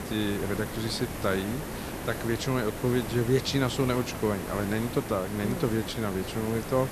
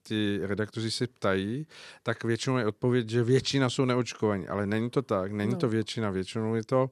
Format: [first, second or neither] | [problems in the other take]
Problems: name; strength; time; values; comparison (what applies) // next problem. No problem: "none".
second | hiss; loud; throughout; 7 dB below the speech